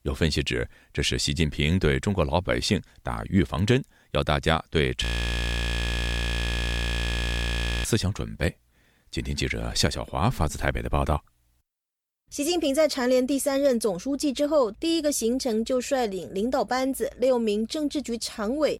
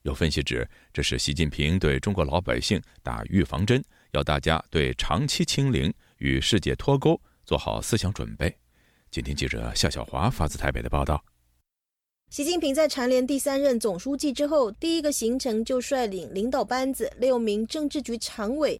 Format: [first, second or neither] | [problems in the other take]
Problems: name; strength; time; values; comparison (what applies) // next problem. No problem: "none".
second | audio freezing; at 5 s for 3 s